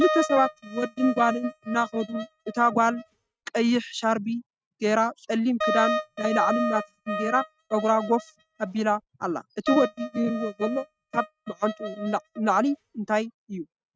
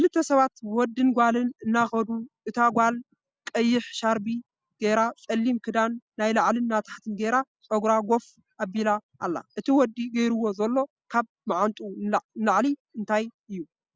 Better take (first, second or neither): second